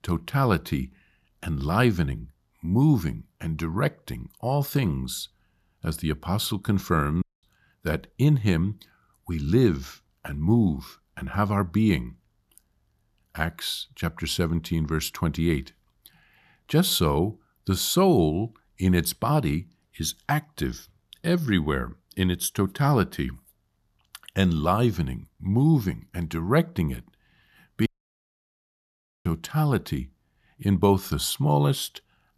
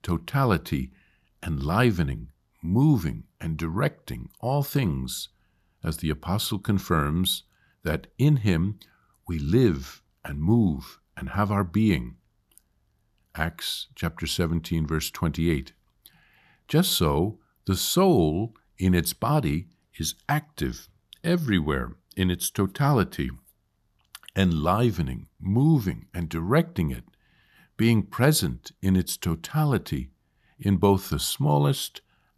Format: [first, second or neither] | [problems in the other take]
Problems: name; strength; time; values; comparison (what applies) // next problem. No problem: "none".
second | audio cutting out; at 7 s and at 28 s for 1.5 s